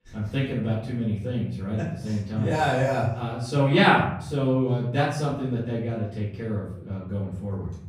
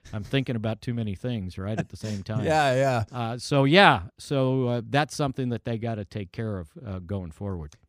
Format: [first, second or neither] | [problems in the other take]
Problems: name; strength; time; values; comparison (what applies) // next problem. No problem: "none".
second | off-mic speech; far // room echo; noticeable; dies away in 0.7 s